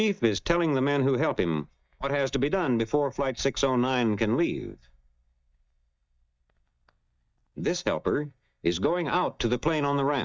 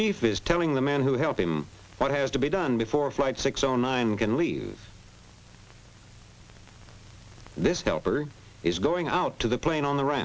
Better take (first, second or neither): second